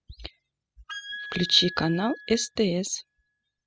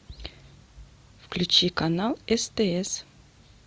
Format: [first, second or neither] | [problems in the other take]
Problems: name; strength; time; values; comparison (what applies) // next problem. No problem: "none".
second | noise reduction (classical method spectral subtraction)